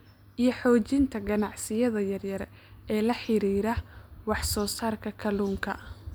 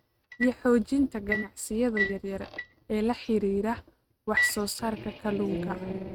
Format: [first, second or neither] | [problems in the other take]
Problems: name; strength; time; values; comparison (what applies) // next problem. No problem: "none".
first | noise reduction (neural mask model RNNoise)